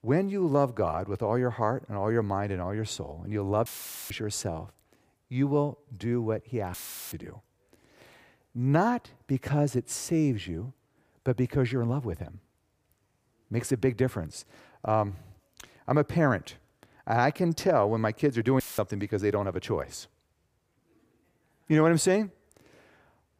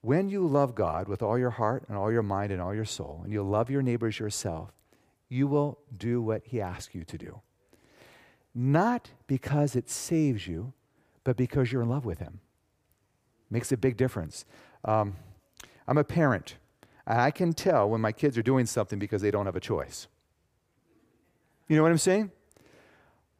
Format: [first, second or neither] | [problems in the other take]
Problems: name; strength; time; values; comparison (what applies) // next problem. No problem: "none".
second | audio cutting out; filled with static; at 3.5 s, at 6.5 s and at 19 s